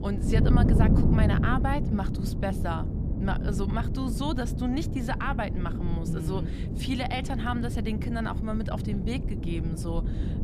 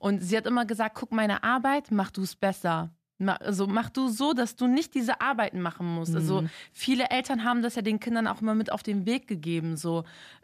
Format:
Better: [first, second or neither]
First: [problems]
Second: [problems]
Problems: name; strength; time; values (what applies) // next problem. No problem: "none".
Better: second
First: wind noise on the microphone; heavy; 4 dB below the speech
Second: none